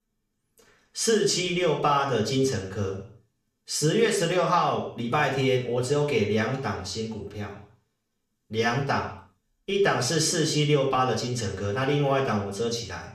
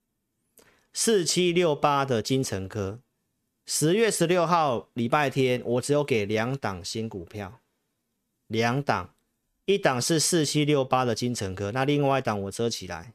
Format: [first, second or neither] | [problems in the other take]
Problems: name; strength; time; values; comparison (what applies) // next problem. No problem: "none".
second | room echo; noticeable; dies away in 0.5 s // off-mic speech; far